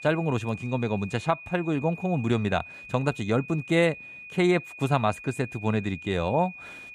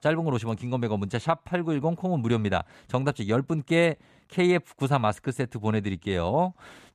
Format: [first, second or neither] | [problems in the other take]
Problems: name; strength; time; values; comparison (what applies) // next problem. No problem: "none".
second | high-pitched whine; noticeable; throughout; 2.5 kHz, 15 dB below the speech